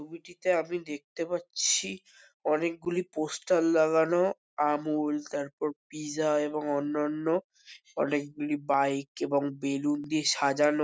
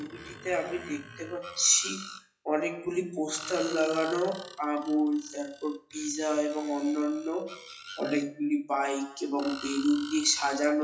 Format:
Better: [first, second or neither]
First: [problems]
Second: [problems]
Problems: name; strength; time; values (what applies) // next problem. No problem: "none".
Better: first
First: none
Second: noise reduction (classical method WPE with log-MMSE)